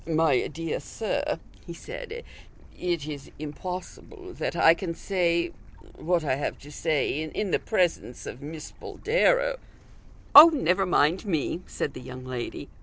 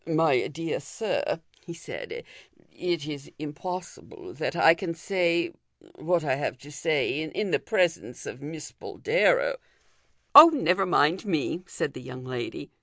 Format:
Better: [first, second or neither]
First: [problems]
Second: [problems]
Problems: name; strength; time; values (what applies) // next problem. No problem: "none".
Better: second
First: background sound (Stream / Bird); 19 dB below the speech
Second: none